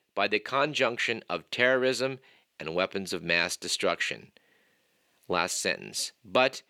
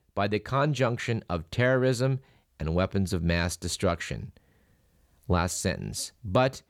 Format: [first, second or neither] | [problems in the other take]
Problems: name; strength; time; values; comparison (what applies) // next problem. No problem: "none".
second | thin; somewhat; fading below 350 Hz